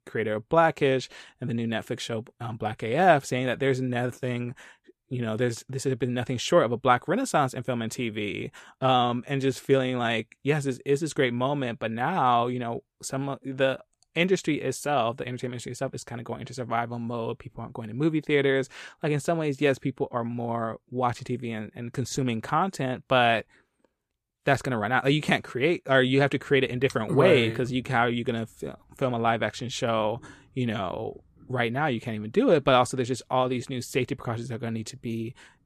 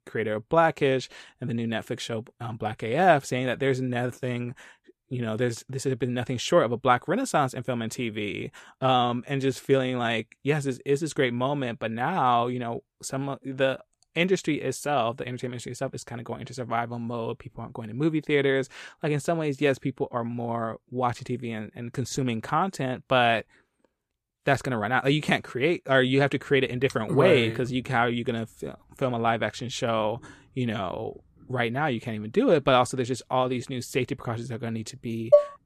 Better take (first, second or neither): first